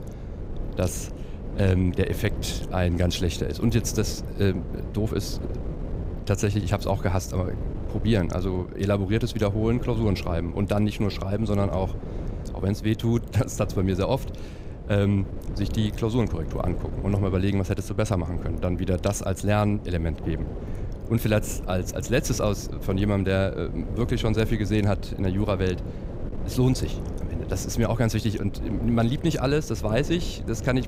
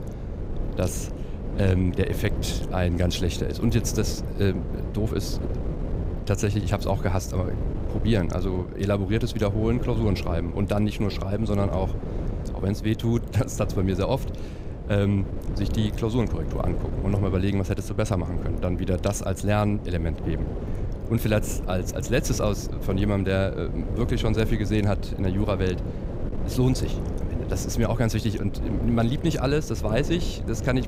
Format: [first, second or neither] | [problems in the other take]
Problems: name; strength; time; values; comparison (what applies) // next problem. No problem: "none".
first | wind noise on the microphone; heavy; 9 dB below the speech; occasional gusts in the first